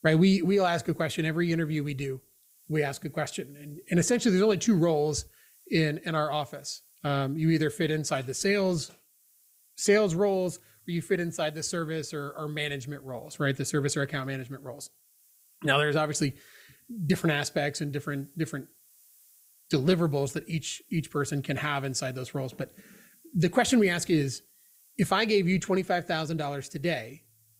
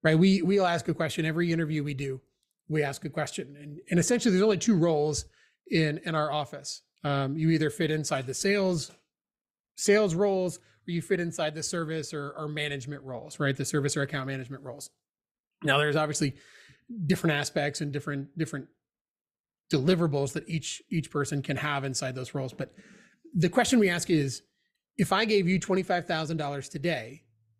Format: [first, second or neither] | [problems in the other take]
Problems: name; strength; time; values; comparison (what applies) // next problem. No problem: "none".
second | hiss; faint; throughout; 30 dB below the speech